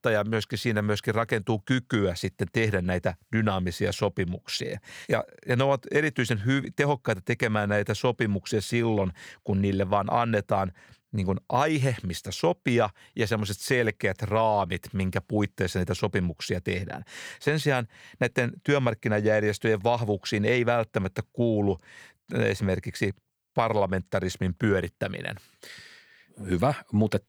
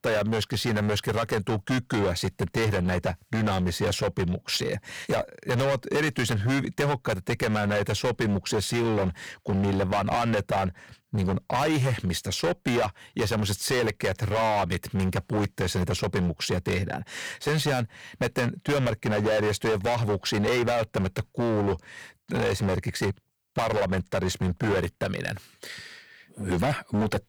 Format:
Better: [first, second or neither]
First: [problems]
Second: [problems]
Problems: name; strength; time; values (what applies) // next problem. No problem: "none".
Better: first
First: none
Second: distortion; heavy; 18% of the sound clipped